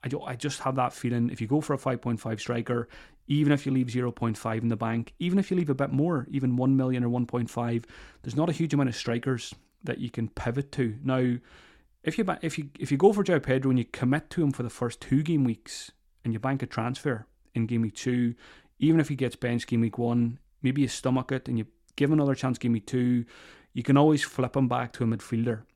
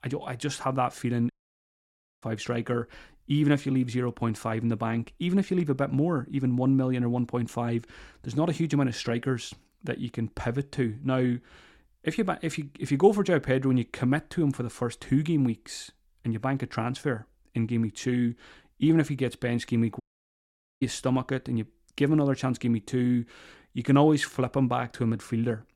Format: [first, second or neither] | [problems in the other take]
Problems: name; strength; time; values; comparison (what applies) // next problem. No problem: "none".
first | audio cutting out; at 1.5 s for 1 s and at 20 s for 1 s